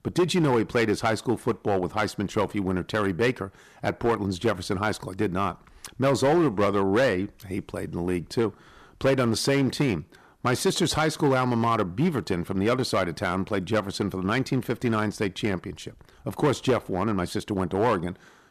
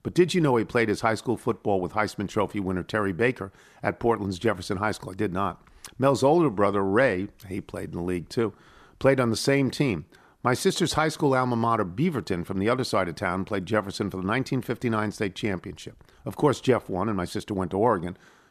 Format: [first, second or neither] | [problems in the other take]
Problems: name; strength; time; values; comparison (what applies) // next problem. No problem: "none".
second | distortion; slight; 5% of the sound clipped